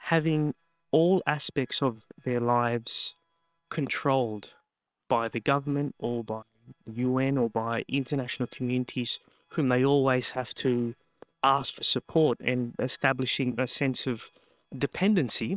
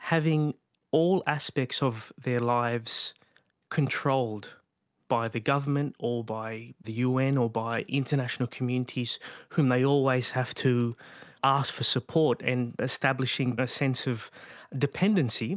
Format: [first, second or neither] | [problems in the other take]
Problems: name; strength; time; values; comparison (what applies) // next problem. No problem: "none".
second | noise reduction (neural separator model SepFormer WHAM!)